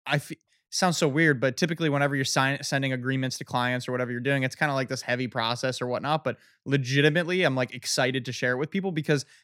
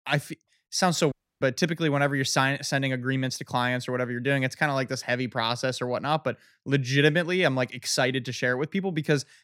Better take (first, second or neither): first